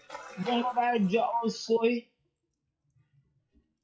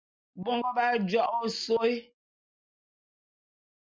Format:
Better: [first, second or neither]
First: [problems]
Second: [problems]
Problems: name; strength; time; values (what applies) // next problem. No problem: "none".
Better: second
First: noise reduction (classical method WPE with log-MMSE)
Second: none